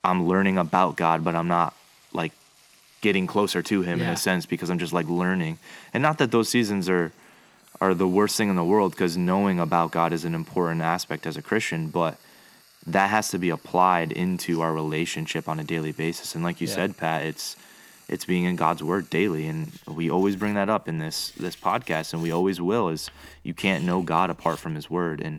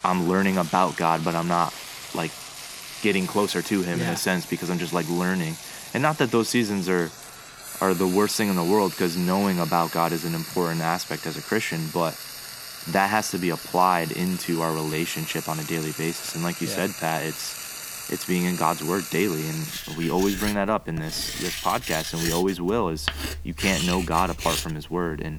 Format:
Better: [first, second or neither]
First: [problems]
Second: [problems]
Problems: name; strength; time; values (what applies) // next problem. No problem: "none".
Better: first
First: household noises; faint; throughout; 25 dB below the speech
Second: household noises; loud; throughout; 8 dB below the speech